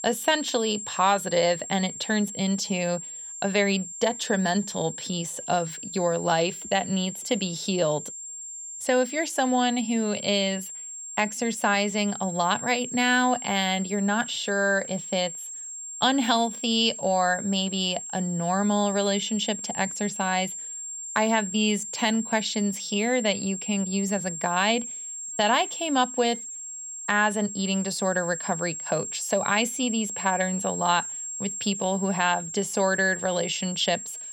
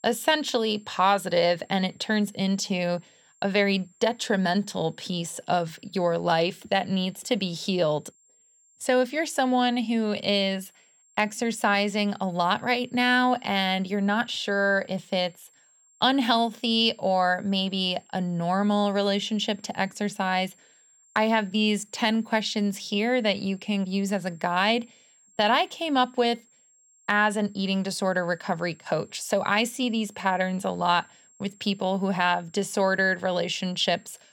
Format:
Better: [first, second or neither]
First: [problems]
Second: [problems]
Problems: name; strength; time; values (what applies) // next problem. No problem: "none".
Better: second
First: high-pitched whine; loud; throughout; 7.5 kHz, 8 dB below the speech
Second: high-pitched whine; faint; throughout; 7.5 kHz, 30 dB below the speech